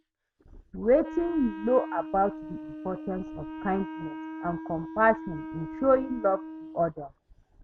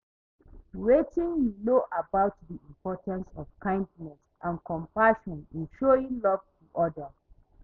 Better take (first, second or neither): second